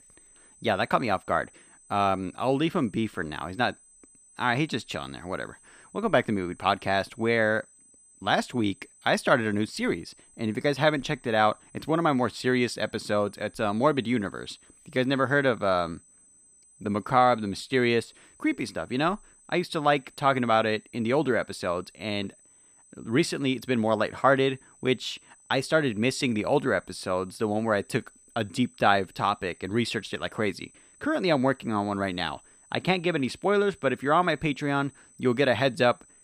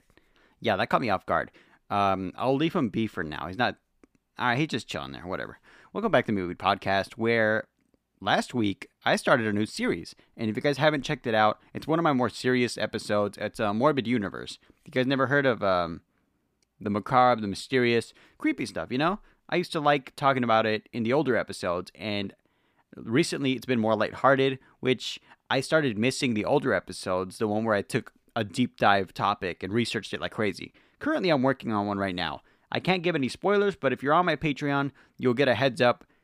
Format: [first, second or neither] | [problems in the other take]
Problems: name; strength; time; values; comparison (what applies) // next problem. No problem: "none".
second | high-pitched whine; faint; throughout; 8 kHz, 30 dB below the speech